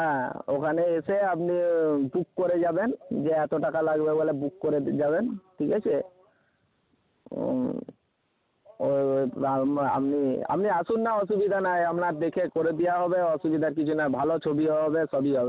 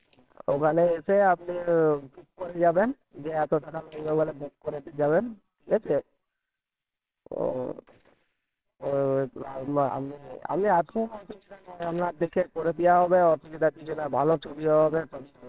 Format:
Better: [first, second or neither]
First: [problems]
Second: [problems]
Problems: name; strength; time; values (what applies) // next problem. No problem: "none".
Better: first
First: none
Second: noise reduction (neural separator model SepFormer WHAMR!)